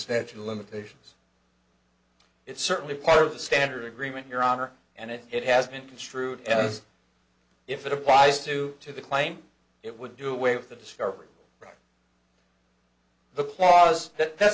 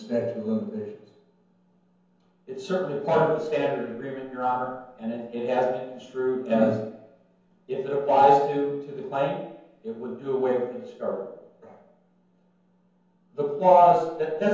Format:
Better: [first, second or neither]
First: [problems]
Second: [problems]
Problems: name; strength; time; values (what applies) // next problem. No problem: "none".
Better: first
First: none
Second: room echo; dies away in 0.9 s